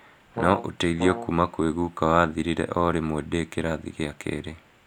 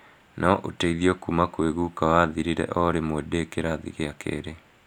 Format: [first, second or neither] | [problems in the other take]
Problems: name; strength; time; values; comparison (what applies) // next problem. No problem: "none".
second | background sound (Brass instrument); 8 dB below the speech